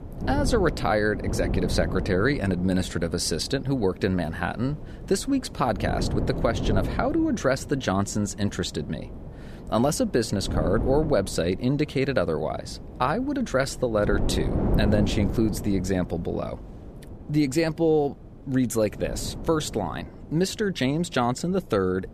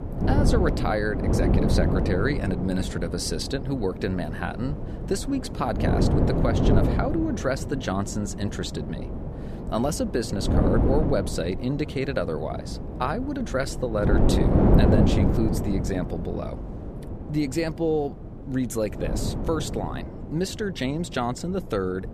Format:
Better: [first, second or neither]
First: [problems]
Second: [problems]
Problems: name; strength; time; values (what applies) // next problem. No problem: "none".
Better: first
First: wind noise on the microphone; occasional gusts; 10 dB below the speech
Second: wind noise on the microphone; heavy; 3 dB below the speech